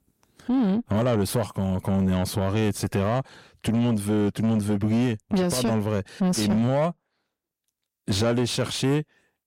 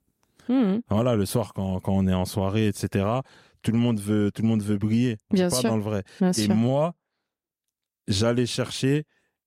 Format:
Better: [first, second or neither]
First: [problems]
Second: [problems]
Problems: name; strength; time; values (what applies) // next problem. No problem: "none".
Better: second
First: distortion; slight; 10 dB below the speech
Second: none